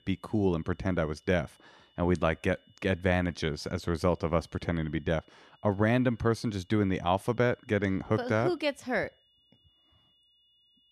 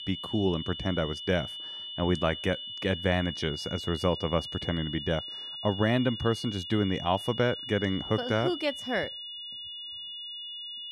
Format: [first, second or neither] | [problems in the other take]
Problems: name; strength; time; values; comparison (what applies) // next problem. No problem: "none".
first | high-pitched whine; loud; throughout; 3 kHz, 7 dB below the speech; faint in the first